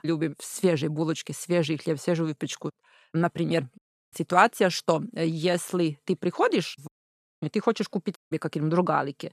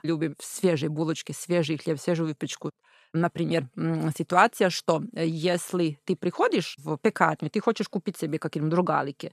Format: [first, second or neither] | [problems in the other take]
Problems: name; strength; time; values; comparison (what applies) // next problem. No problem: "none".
second | audio cutting out; at 4 s, at 7 s for 0.5 s and at 8 s